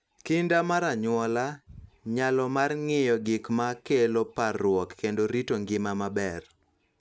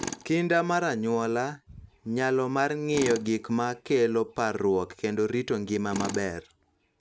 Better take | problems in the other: first | background sound (Tools); 15 dB below the speech

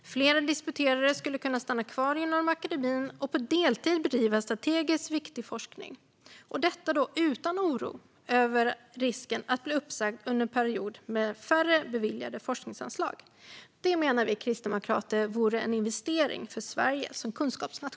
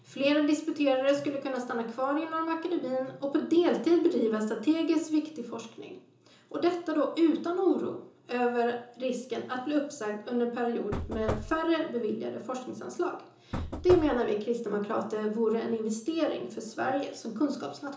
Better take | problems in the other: first | background sound (Knock / Wood); 7 dB below the speech // room echo; dies away in 0.6 s

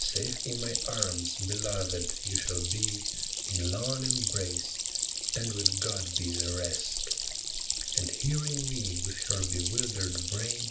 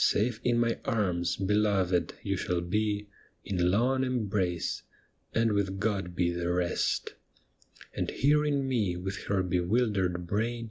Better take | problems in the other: second | background sound (Stream); 4 dB above the speech // room echo; dies away in 0.4 s

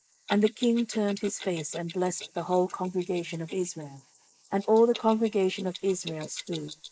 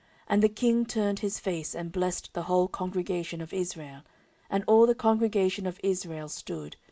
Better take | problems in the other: second | noise reduction (neural mask model Resemble Enhance denoiser)

